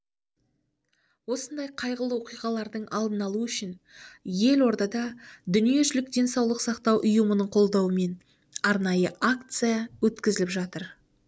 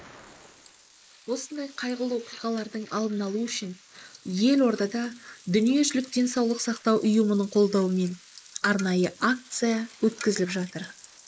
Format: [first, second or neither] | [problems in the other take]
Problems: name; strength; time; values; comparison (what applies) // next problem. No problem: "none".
first | noise reduction (neural mask model Resemble Enhance denoiser)